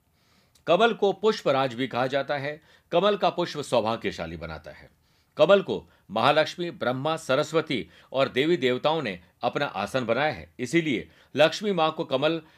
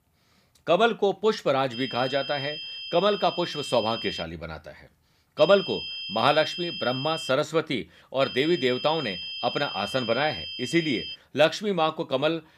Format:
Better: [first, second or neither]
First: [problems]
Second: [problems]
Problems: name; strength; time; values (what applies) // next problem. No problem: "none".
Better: first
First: none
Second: high-pitched whine; loud; from 1.5 to 4 s, from 5.5 to 7.5 s and from 8 to 11 s; 3 kHz, 8 dB below the speech